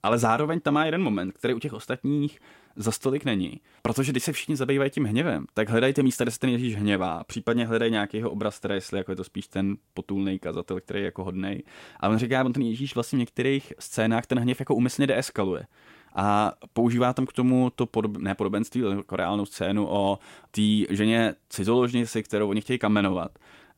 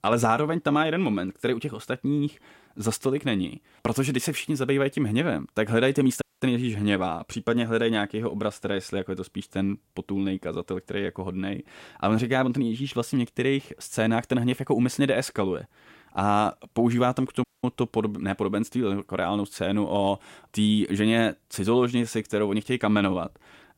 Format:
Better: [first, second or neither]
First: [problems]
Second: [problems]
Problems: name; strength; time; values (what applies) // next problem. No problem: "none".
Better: first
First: none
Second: audio cutting out; at 6 s and at 17 s